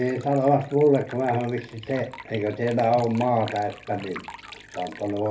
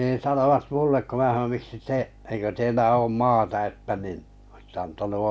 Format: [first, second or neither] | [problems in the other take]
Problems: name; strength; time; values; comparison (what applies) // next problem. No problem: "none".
second | background sound (Liquid); 19 dB below the speech // room echo; dies away in 0.3 s